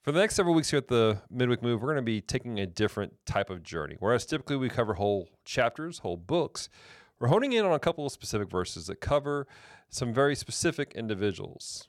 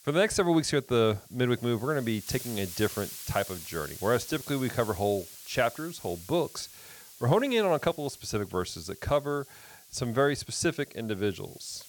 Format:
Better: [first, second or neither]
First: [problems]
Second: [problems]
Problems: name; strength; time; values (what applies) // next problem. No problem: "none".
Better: first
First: none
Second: hiss; noticeable; throughout; 15 dB below the speech